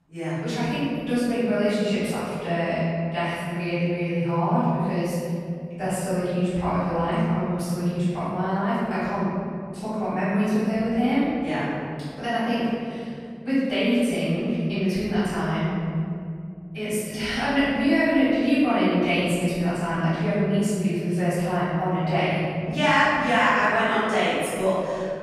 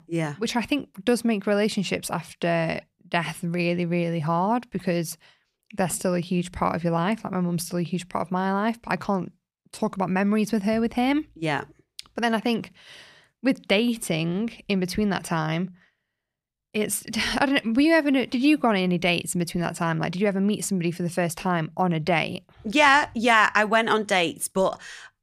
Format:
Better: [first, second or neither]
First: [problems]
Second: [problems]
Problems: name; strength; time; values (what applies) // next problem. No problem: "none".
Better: second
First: off-mic speech; far // room echo; strong; dies away in 3 s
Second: none